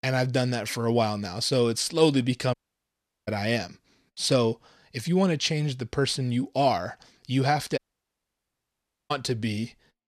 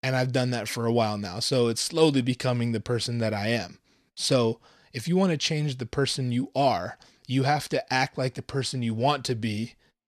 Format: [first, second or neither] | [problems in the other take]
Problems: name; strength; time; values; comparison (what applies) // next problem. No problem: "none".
second | audio cutting out; at 2.5 s for 0.5 s and at 8 s for 1.5 s